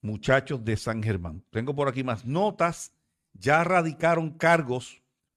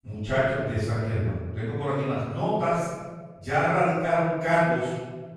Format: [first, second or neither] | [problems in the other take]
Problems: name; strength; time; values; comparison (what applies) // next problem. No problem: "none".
first | off-mic speech; far // room echo; strong; dies away in 1.3 s